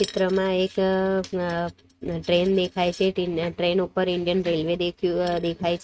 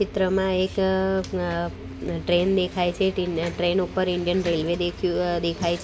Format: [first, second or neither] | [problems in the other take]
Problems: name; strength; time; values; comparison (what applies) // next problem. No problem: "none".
second | noise reduction (neural mask model RNNoise)